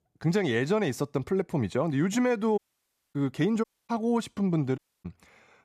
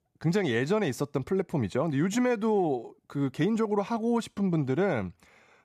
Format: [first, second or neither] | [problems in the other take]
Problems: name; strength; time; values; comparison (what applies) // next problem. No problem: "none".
second | audio cutting out; at 2.5 s for 0.5 s, at 3.5 s and at 5 s